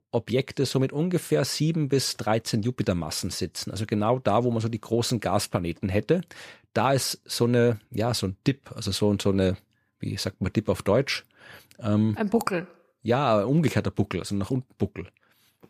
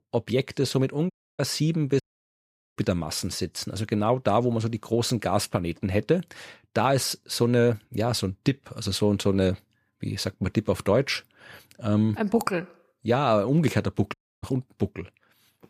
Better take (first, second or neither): first